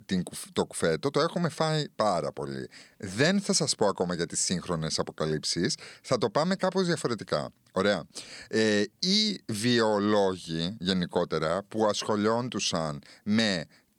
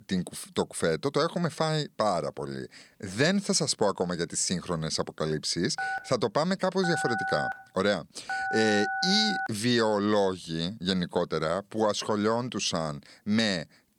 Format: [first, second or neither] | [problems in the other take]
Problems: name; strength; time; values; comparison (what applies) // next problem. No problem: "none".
first | phone ringing; noticeable; from 6 to 9.5 s; peak 2 dB below the speech